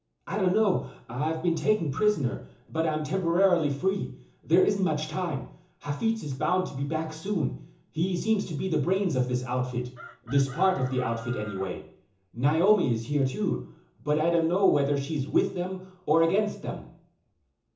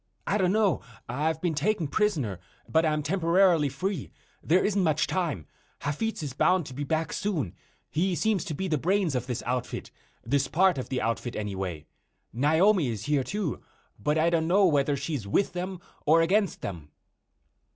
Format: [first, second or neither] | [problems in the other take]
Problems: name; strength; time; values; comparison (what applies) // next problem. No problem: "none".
second | background sound (Chicken, rooster); 18 dB below the speech // room echo; dies away in 0.7 s